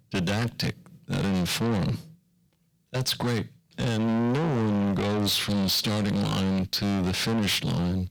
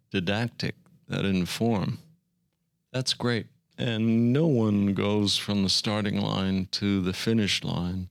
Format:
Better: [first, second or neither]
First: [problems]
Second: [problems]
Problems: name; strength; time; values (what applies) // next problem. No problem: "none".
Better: second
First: distortion; heavy; 6 dB below the speech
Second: none